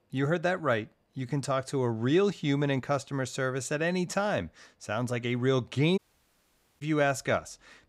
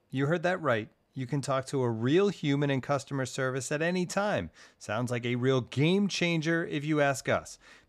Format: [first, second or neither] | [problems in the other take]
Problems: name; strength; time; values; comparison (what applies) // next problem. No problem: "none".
second | audio cutting out; at 6 s for 1 s